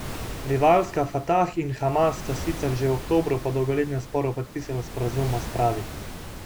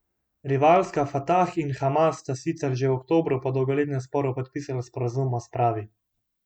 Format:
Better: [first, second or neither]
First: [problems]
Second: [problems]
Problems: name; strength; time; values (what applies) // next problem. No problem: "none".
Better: second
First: background sound (Waves, surf); 10 dB below the speech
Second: none